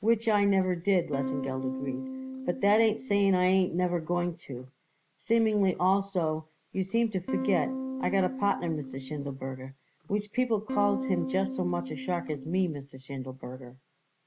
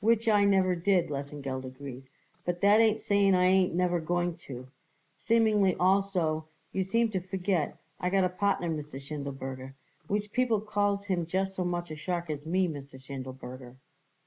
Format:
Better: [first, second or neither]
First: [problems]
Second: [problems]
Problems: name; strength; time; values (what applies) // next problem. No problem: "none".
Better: second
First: background sound (Electric guitar / Strum); 6 dB below the speech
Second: none